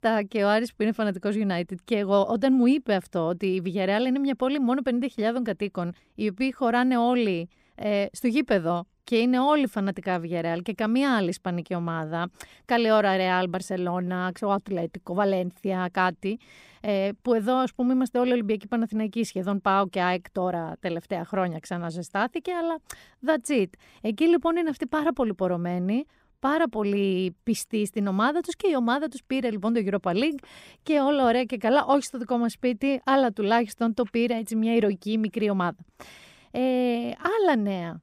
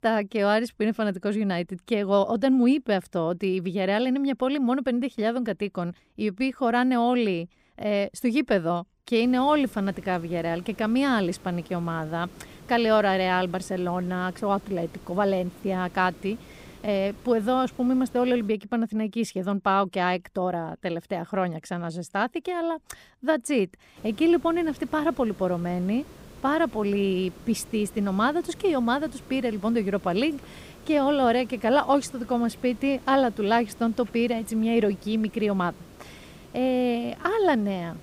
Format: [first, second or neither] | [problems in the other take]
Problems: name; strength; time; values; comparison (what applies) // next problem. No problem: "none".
first | hiss; faint; from 9 to 18 s and from 24 s on; 20 dB below the speech